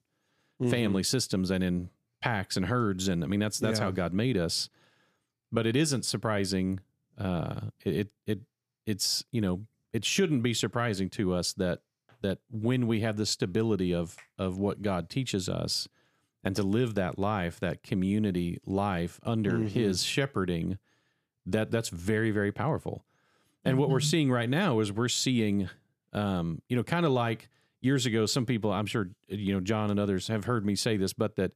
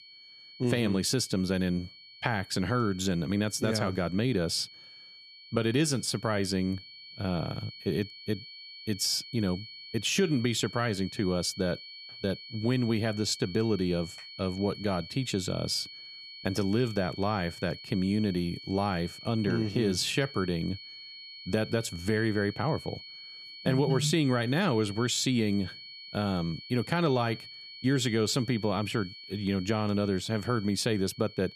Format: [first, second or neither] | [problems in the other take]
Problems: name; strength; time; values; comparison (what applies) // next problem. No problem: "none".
first | high-pitched whine; noticeable; throughout; 4.5 kHz, 15 dB below the speech